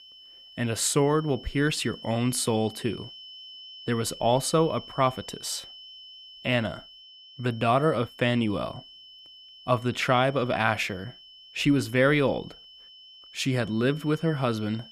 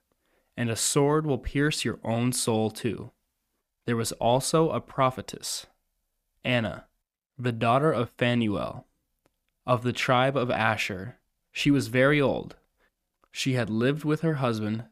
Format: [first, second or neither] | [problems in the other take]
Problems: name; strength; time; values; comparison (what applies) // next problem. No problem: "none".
second | high-pitched whine; noticeable; throughout; 3 kHz, 20 dB below the speech